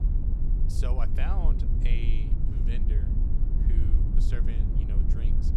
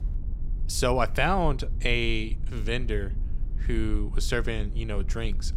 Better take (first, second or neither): second